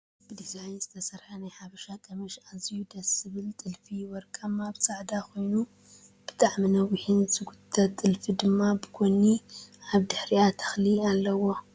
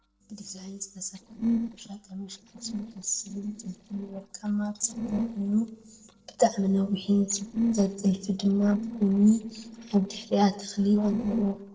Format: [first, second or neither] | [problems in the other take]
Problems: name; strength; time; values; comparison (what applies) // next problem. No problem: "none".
first | noise reduction (neural separator model SepFormer DNS4)